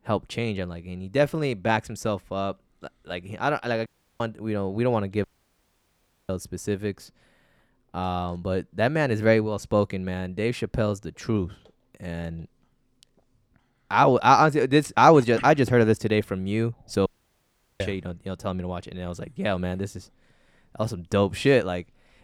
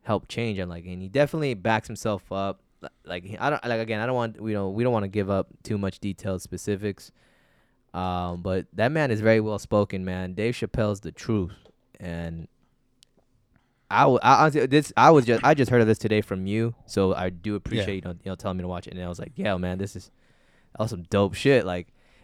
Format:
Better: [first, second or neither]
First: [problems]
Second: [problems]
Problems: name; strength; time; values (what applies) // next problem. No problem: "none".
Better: second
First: audio cutting out; at 4 s, at 5 s for 1 s and at 17 s for 0.5 s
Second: none